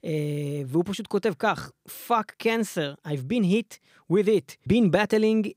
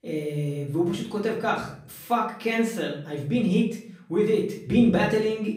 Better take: first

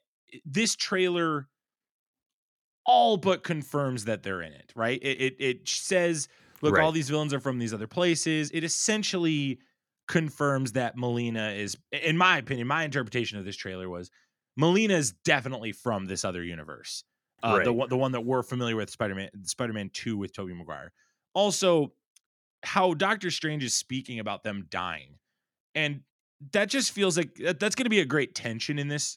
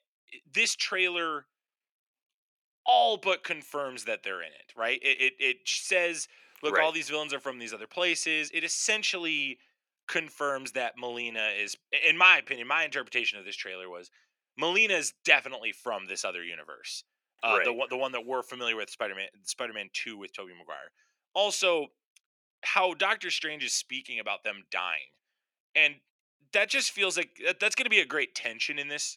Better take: first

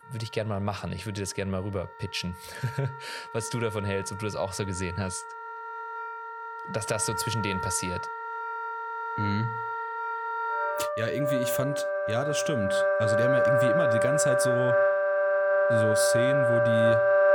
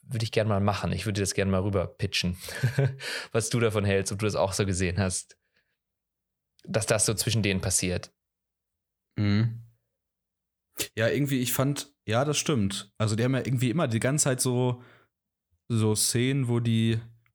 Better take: second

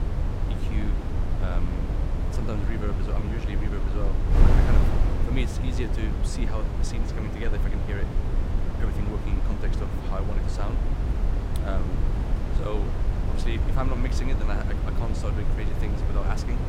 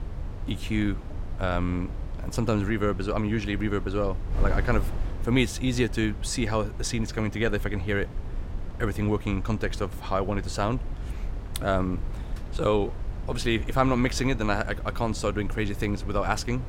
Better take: second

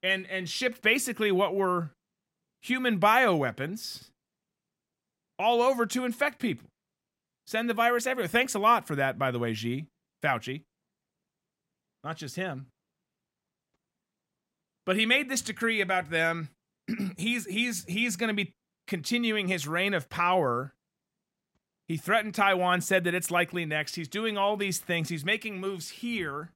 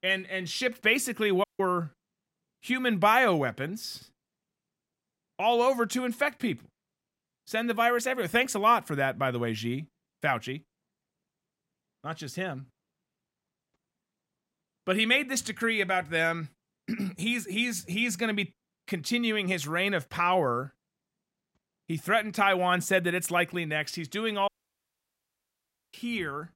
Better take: first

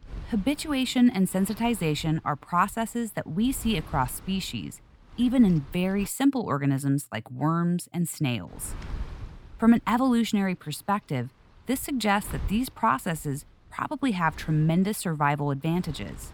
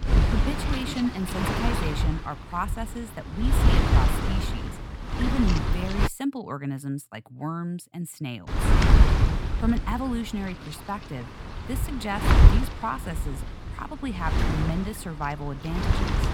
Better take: first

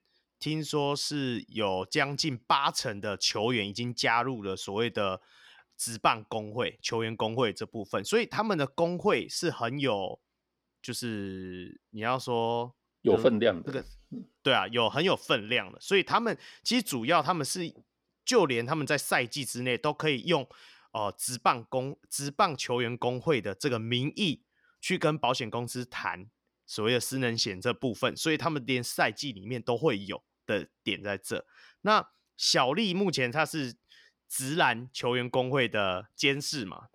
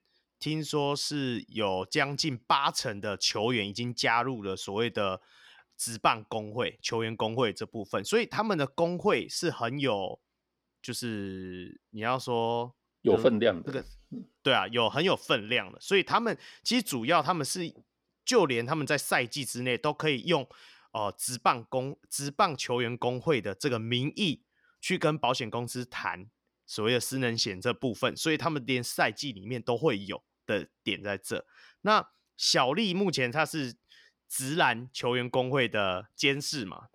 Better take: neither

